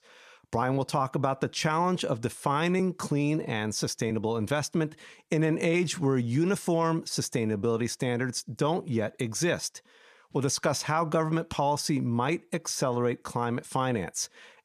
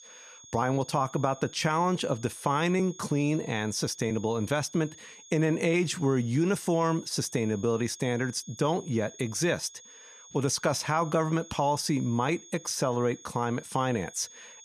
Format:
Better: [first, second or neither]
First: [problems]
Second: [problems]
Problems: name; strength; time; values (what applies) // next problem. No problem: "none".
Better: first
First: none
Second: high-pitched whine; noticeable; throughout; 6.5 kHz, 20 dB below the speech